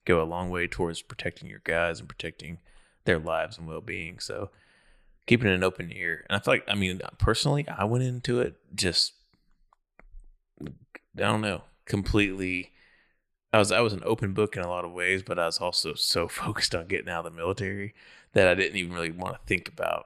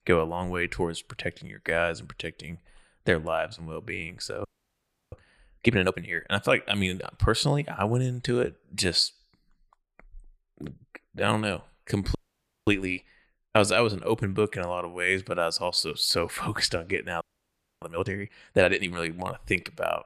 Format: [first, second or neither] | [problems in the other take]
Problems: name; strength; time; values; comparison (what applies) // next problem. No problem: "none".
first | audio freezing; at 4.5 s for 0.5 s, at 12 s for 0.5 s and at 17 s for 0.5 s